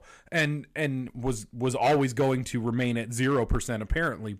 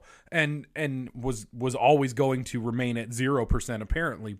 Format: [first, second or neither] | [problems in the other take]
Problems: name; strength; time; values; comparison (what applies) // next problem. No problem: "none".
second | distortion; slight; 4% of the sound clipped